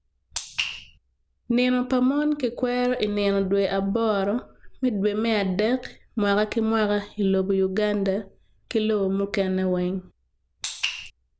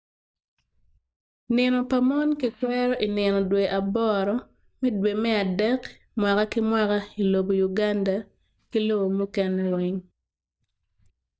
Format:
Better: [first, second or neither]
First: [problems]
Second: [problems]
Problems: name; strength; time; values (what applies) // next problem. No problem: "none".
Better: first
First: none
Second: noise reduction (neural mask model DeepFilterNet 3)